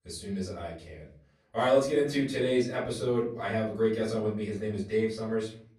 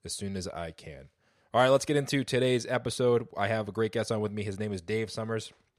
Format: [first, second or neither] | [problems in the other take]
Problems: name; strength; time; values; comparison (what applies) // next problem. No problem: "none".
second | off-mic speech; far // room echo; noticeable; dies away in 0.4 s